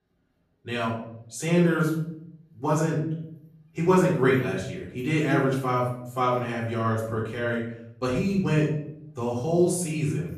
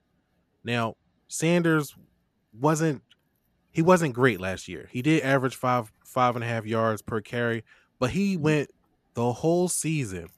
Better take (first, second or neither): second